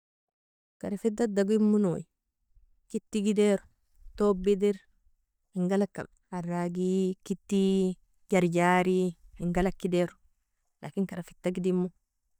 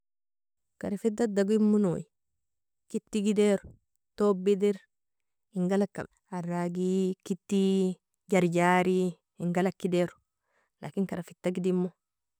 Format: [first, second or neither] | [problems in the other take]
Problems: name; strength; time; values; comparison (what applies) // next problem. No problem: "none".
second | noise reduction (neural mask model DeepFilterNet 3)